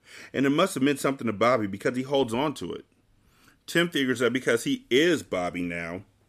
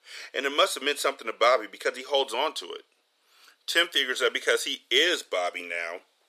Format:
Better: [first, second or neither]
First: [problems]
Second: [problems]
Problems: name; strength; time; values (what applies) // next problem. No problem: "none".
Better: first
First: none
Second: thin; very; fading below 450 Hz